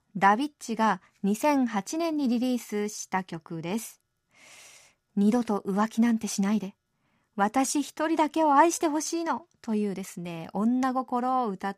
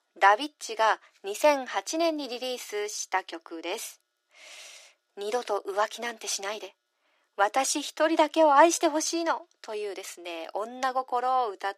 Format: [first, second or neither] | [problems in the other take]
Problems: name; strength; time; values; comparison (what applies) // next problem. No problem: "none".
first | thin; very; fading below 300 Hz